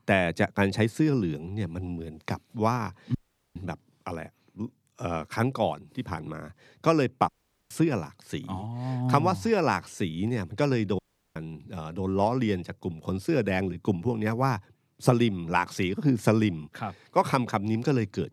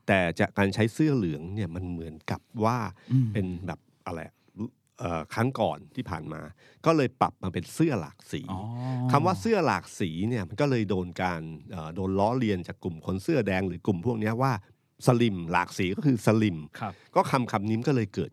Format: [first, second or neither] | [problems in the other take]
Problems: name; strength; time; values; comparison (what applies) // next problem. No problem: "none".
second | audio cutting out; at 3 s, at 7.5 s and at 11 s